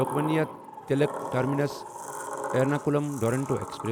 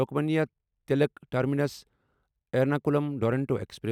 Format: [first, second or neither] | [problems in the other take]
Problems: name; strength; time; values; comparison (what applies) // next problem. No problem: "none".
second | background sound (Sliding door); 8 dB below the speech